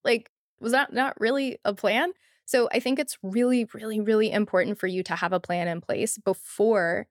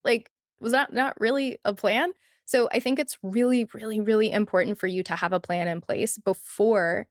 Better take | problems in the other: first | garbled, watery; slightly; nothing above 15.5 kHz

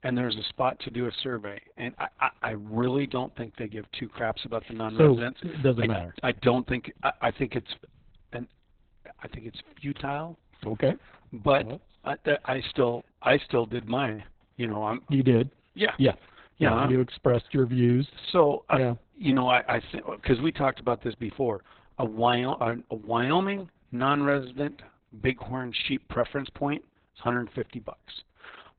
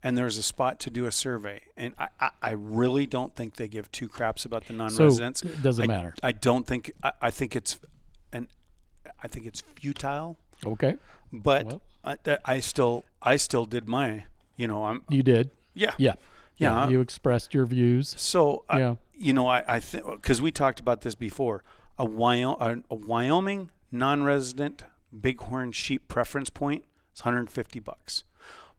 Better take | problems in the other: second | garbled, watery; badly; nothing above 4 kHz; slightly in the second

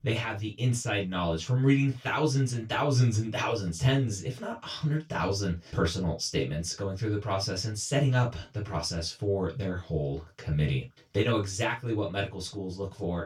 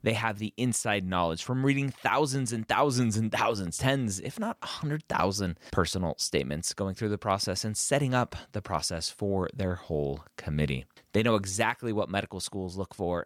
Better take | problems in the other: second | room echo; very slight; dies away in 0.1 s // off-mic speech; far

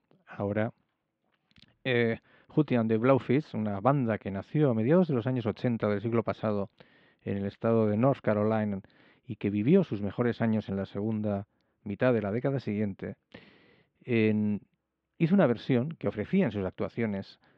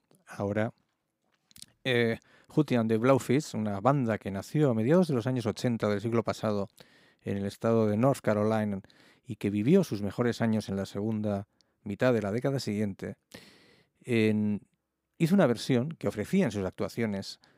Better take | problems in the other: second | muffled; slightly; fading above 3 kHz

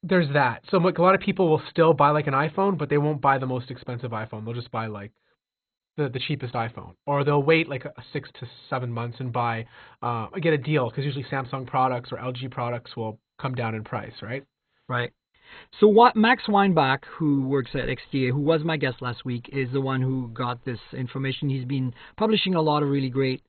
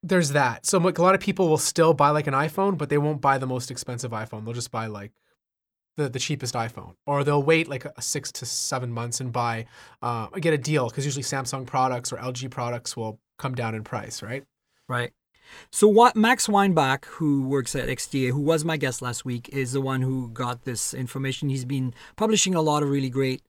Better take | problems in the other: second | garbled, watery; badly; nothing above 4 kHz

